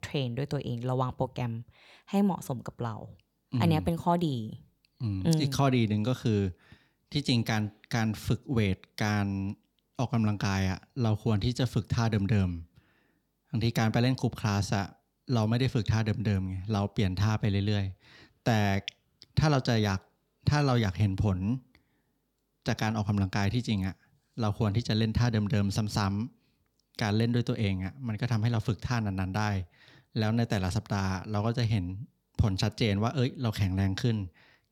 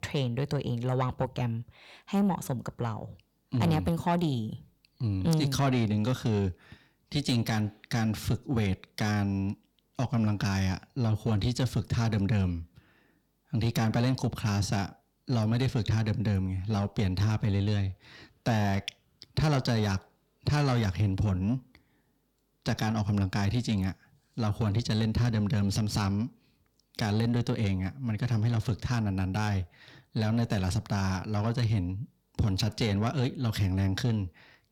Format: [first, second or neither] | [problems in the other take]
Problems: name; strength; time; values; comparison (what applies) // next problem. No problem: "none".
first | distortion; slight; 10 dB below the speech